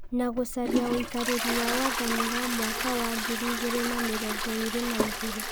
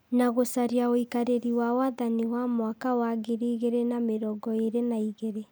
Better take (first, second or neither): second